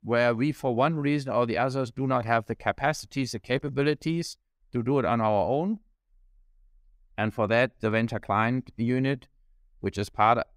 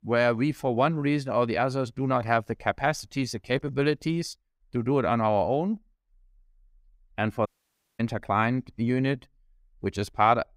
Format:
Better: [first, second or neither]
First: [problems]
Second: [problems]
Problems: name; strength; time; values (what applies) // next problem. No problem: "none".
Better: first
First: none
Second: audio cutting out; at 7.5 s for 0.5 s